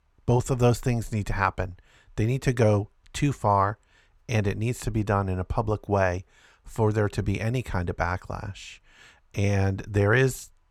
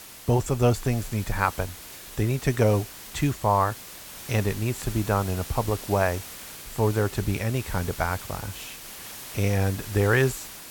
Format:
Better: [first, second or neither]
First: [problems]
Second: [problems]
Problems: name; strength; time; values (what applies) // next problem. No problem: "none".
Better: first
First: none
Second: hiss; noticeable; throughout; 10 dB below the speech